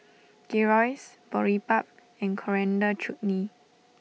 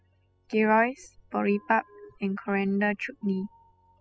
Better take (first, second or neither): first